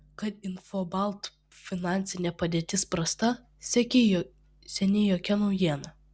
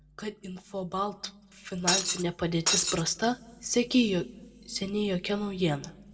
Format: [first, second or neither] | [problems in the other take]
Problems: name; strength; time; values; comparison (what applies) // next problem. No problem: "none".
first | background sound (Shatter); 3 dB above the speech // room echo; dies away in 0.9 s